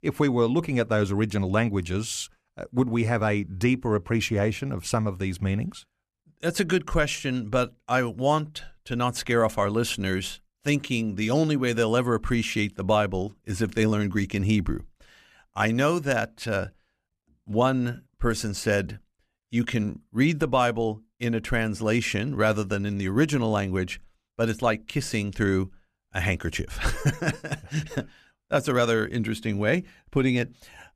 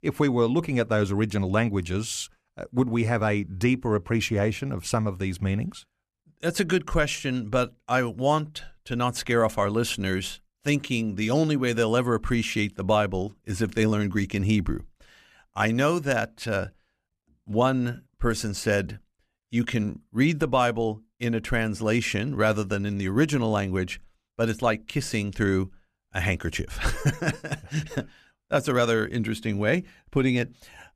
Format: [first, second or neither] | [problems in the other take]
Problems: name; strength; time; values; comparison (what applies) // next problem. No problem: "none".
neither | none